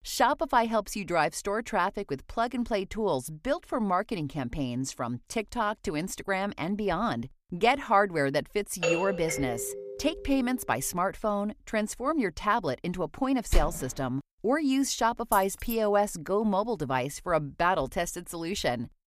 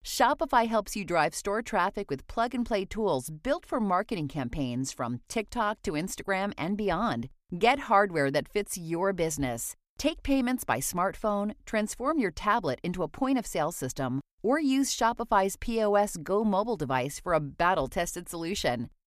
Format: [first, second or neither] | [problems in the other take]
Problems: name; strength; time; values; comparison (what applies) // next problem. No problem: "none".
second | doorbell; loud; from 9 to 10 s; peak level with the speech // door banging; noticeable; at 14 s; peak 3 dB below the speech // jangling keys; noticeable; at 15 s; peak 8 dB below the speech